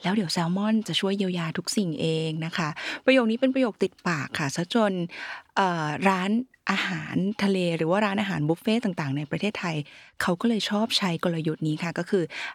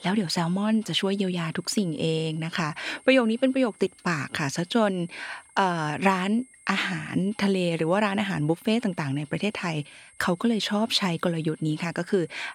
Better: first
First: none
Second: high-pitched whine; faint; throughout; 8.5 kHz, 25 dB below the speech

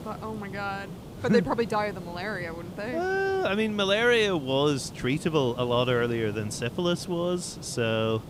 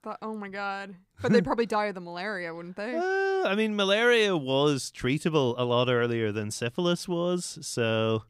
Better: second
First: hiss; noticeable; throughout; 15 dB below the speech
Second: none

